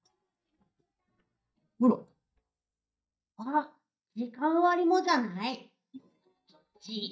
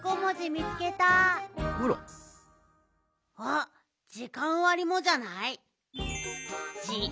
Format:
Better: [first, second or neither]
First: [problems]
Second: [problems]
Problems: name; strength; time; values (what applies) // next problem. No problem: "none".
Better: second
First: noise reduction (neural mask model DeepFilterNet 3)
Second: none